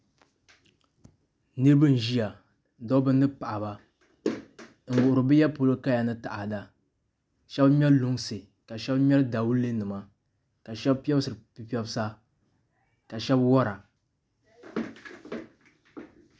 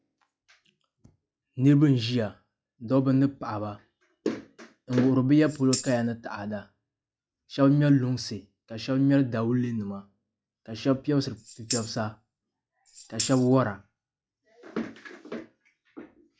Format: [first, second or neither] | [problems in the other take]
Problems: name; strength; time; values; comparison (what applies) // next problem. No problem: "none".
first | noise reduction (classical method log-MMSE)